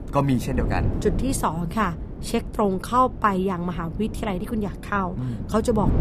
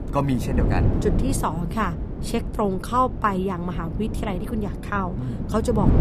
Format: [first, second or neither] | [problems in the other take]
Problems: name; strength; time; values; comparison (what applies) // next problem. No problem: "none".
first | wind noise on the microphone; heavy; 9 dB below the speech; occasional gusts in the first